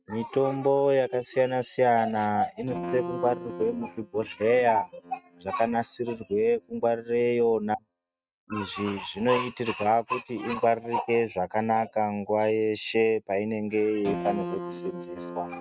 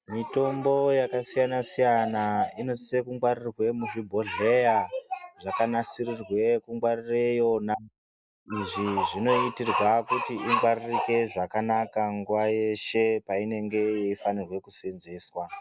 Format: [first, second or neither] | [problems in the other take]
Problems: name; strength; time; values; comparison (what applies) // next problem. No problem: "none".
second | noise reduction (neural mask model RNNoise)